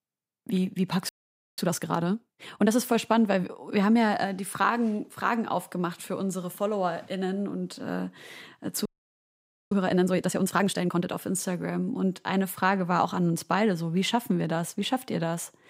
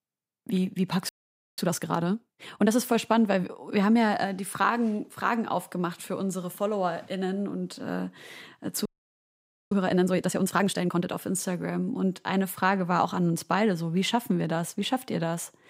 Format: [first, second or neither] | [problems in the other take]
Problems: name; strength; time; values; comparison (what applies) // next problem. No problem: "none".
neither | audio freezing; at 1 s and at 9 s for 1 s; the same in both